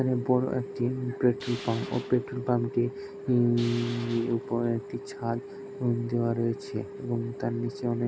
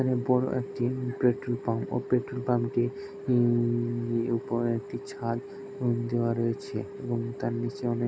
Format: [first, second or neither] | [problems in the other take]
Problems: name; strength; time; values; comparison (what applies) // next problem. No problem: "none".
second | background sound (Tools); 17 dB below the speech